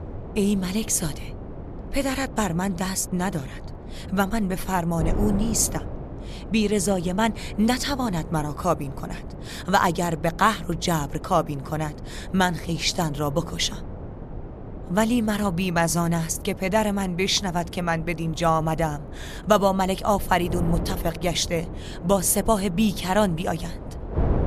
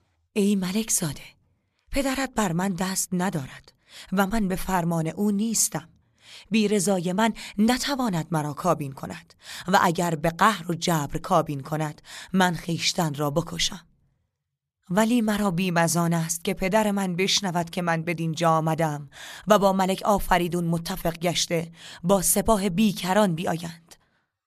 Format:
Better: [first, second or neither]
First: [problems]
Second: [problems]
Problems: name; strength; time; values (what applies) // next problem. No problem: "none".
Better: second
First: wind noise on the microphone; occasional gusts; 15 dB below the speech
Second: none